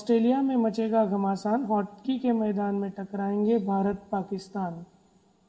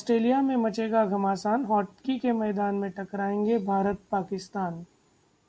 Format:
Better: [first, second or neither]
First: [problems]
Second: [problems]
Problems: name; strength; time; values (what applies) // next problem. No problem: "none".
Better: second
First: room echo; dies away in 0.8 s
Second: none